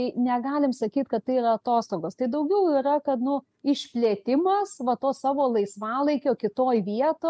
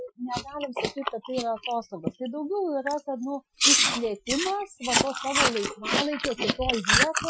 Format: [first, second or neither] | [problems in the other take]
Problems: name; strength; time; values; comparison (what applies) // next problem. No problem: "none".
first | noise reduction (classical method Wiener filter)